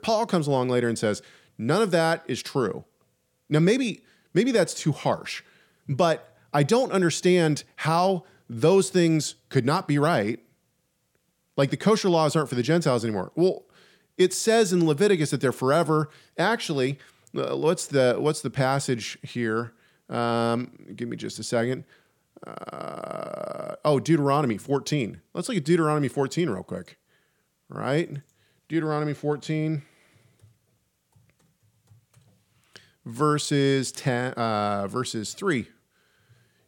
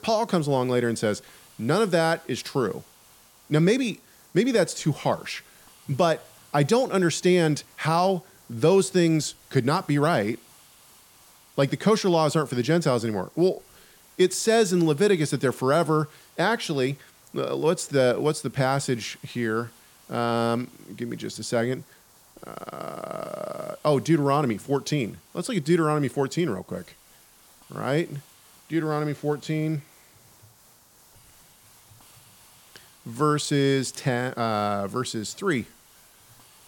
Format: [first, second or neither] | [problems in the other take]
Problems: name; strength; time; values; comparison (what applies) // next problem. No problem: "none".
first | hiss; faint; throughout; 25 dB below the speech